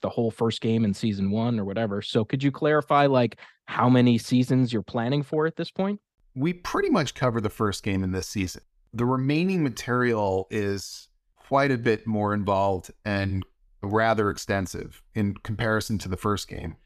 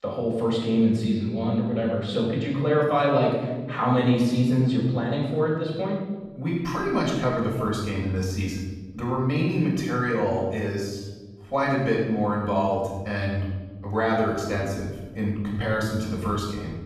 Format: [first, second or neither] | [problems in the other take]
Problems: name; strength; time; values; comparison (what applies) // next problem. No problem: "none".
first | off-mic speech; far // room echo; noticeable; dies away in 1.3 s